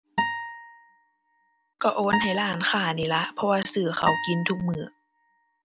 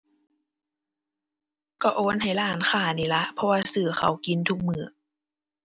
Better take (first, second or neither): second